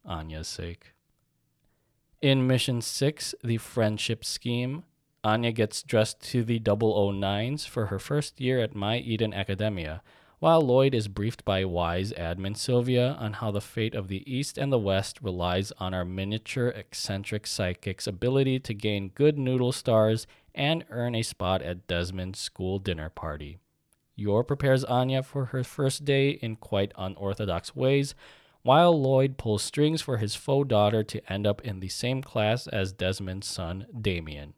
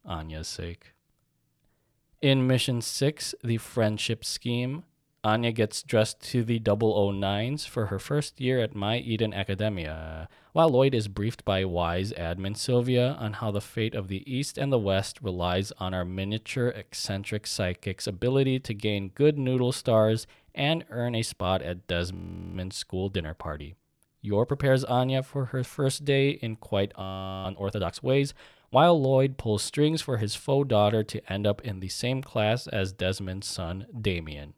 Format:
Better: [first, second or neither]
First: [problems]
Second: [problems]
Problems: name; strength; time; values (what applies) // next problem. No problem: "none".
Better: first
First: none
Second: audio freezing; at 10 s, at 22 s and at 27 s